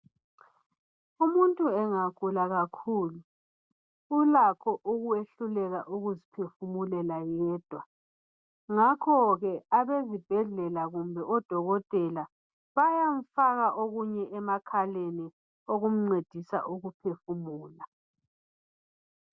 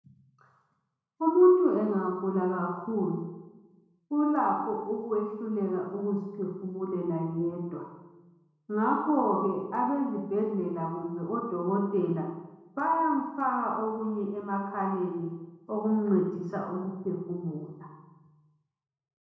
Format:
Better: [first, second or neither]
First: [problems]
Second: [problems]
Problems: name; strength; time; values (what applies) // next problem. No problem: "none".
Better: first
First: none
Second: room echo; dies away in 1 s